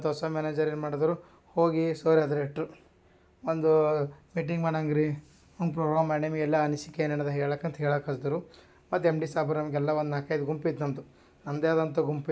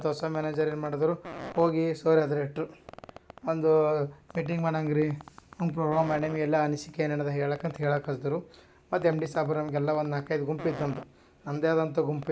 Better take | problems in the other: first | background sound (Fart); 19 dB below the speech

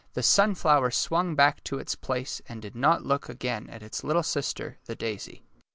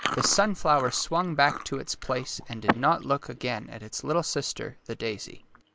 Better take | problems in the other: first | background sound (Chewing, mastication); 8 dB below the speech

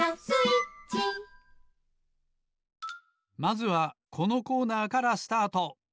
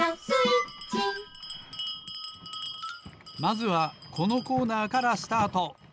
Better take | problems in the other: first | background sound (Bell); 13 dB below the speech

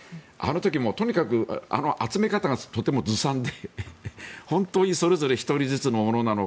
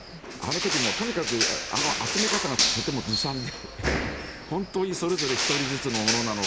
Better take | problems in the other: first | background sound (Crushing); 2 dB above the speech

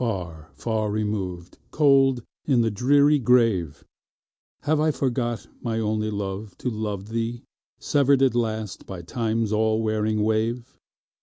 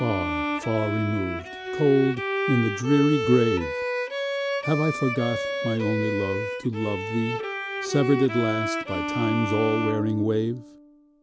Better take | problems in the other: first | background sound (Bowed string instrument); 4 dB below the speech

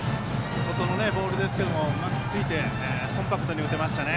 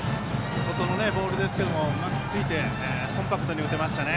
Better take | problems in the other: second | background sound (Engine); 10 dB below the speech

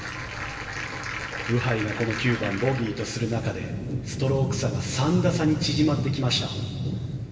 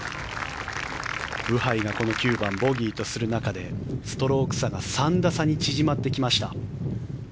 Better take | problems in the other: second | room echo; dies away in 2.3 s

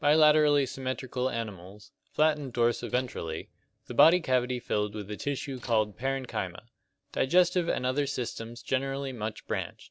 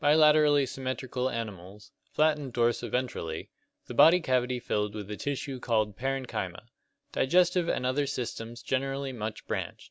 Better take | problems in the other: second | noise reduction (neural separator model SepFormer DNS4)

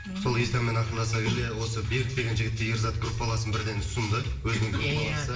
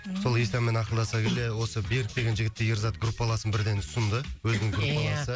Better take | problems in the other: second | room echo; dies away in 0.9 s

